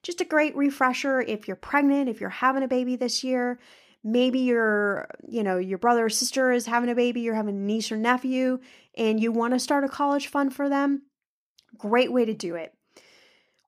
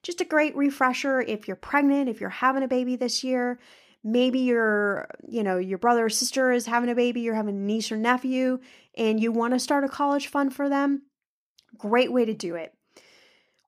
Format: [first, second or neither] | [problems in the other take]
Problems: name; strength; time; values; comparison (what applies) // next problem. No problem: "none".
neither | none